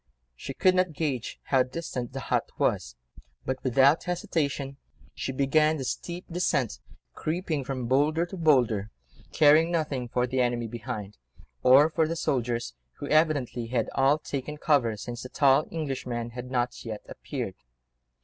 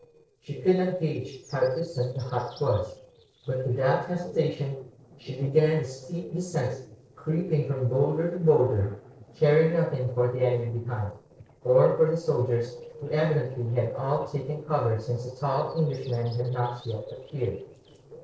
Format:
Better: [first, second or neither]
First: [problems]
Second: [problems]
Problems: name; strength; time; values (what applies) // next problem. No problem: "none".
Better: first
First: none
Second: noise reduction (neural separator model SepFormer DNS4)